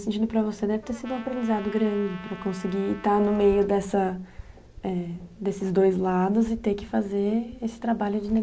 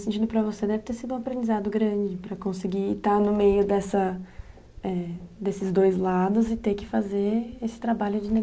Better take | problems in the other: second | background sound (Trumpet); 19 dB below the speech

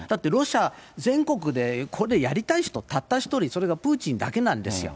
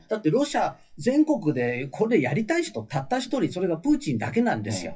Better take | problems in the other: first | noise reduction (classical method WPE with log-MMSE)

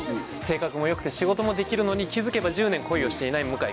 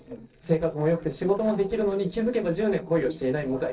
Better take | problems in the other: first | noise reduction (neural separator model SepFormer DNS4)

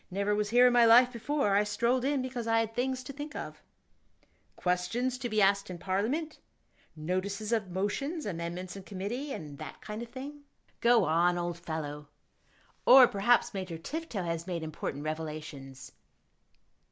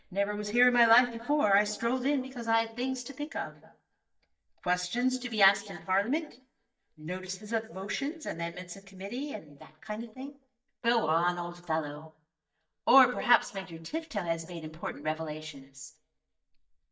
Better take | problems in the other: first | noise reduction (neural mask model DeepFilterNet 3)

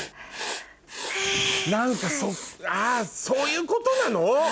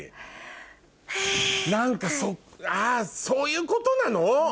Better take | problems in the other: second | background sound (Writing); 12 dB below the speech

